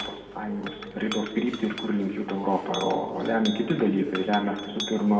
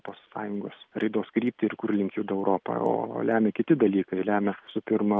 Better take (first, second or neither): second